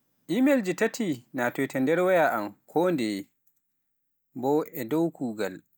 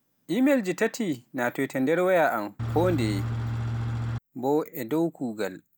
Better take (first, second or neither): first